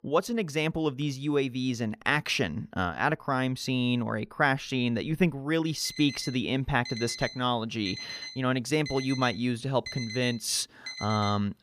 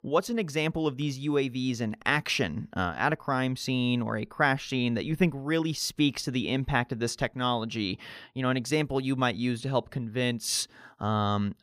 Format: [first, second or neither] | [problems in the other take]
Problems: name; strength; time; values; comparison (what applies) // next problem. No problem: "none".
second | alarm; noticeable; from 5.5 s on; peak 8 dB below the speech